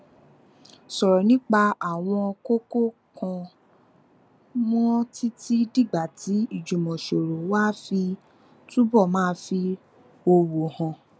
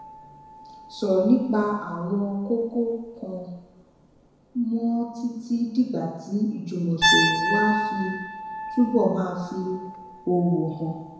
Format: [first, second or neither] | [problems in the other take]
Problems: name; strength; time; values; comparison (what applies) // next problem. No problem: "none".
first | background sound (Piano); 5 dB below the speech // room echo; dies away in 0.9 s